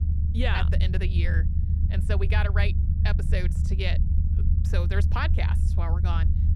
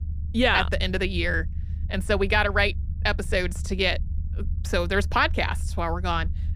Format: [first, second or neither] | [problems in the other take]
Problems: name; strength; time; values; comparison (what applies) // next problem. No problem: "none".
second | low rumble; loud; throughout; 8 dB below the speech; faint in the second